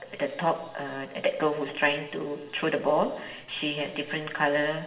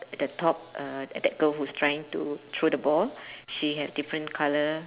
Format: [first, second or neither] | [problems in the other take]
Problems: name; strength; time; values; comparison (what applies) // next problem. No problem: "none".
second | room echo; dies away in 0.9 s